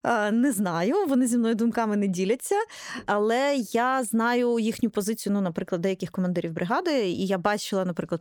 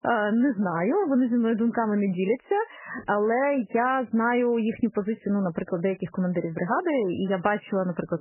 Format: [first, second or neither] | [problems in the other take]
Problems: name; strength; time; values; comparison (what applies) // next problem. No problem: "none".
first | garbled, watery; badly; nothing above 3 kHz